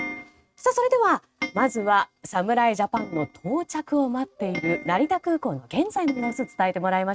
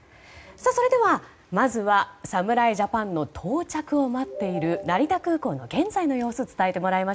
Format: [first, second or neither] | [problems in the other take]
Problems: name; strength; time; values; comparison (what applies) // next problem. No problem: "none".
second | noise reduction (neural mask model RNNoise)